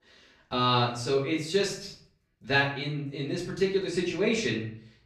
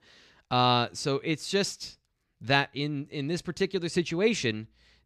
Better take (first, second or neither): second